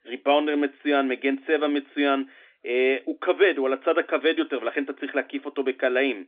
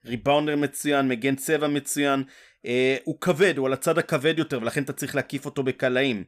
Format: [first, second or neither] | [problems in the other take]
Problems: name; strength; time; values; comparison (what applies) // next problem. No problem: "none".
second | phone-call audio; nothing above 3.5 kHz